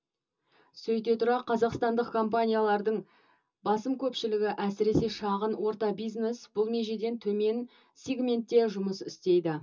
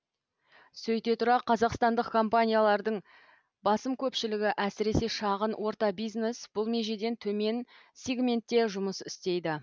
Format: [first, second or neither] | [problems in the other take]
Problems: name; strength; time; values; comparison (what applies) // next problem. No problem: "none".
second | room echo; dies away in 0.2 s